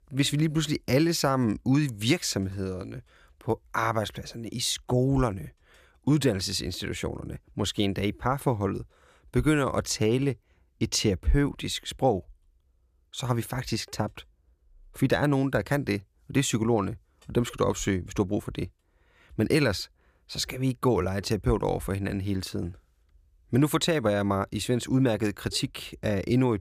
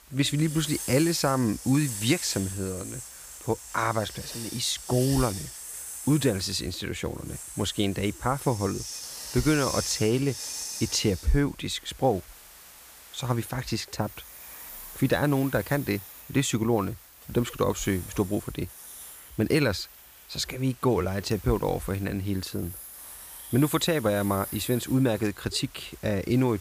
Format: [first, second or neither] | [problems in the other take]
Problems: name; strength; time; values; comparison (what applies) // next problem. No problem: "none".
first | hiss; noticeable; throughout; 10 dB below the speech